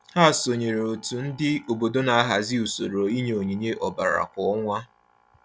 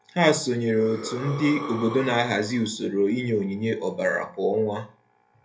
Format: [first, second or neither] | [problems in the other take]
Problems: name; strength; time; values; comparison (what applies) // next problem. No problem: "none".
first | background sound (Breathing); 12 dB below the speech // room echo; dies away in 0.3 s